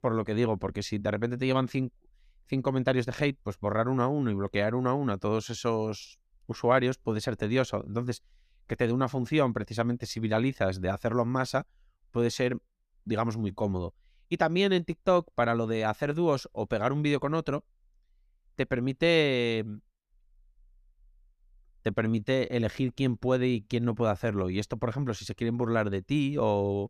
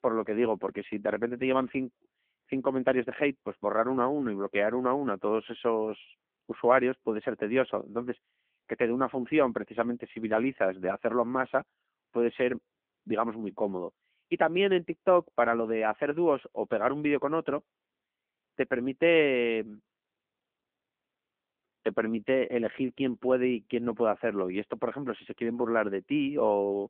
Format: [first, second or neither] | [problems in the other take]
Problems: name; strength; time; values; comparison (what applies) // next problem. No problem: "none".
first | phone-call audio